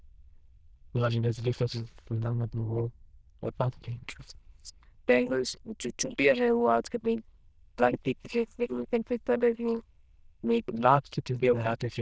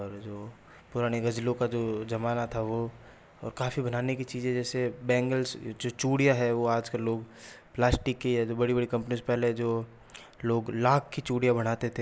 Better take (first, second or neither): second